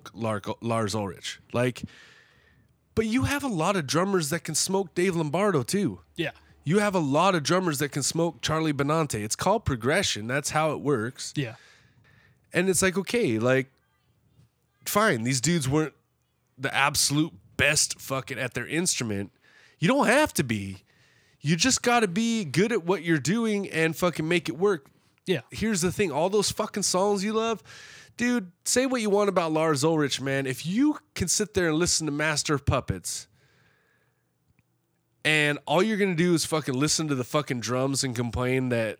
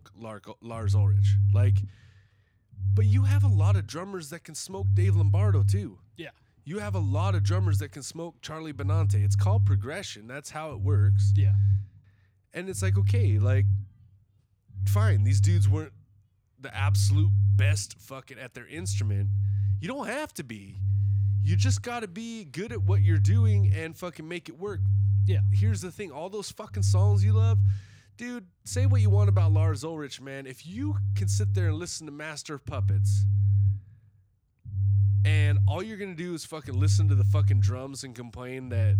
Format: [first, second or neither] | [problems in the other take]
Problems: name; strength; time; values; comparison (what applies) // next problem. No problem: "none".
first | low rumble; loud; throughout; 2 dB below the speech